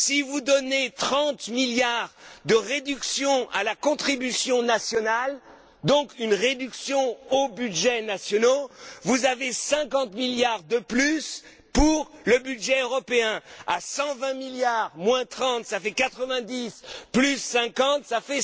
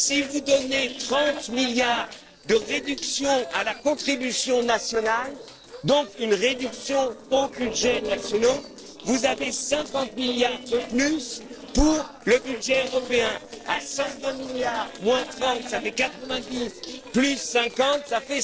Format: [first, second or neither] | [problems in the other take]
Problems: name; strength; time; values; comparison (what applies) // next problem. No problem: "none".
first | noise reduction (neural separator model SepFormer DNS4)